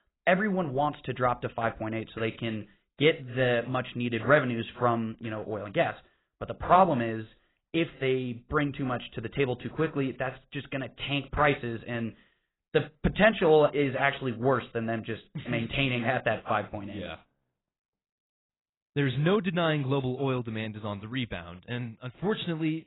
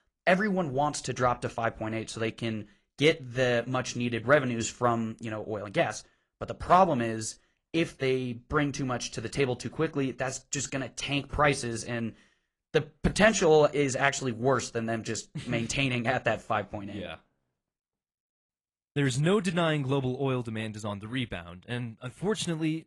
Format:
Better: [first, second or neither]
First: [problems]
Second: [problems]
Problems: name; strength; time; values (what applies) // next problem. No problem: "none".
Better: second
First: garbled, watery; badly; nothing above 4 kHz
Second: garbled, watery; slightly; nothing above 10 kHz